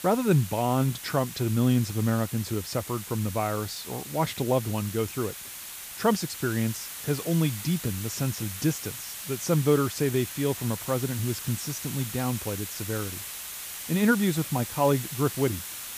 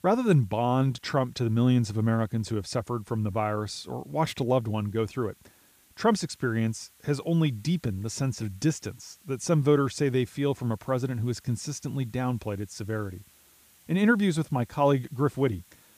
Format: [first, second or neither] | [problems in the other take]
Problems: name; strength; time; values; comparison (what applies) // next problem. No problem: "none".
second | hiss; loud; throughout; 8 dB below the speech; faint in the second